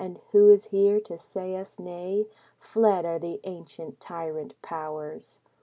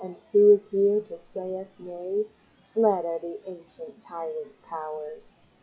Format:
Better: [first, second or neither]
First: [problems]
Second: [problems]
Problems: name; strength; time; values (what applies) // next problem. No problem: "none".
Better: first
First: none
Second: noise reduction (classical method log-MMSE)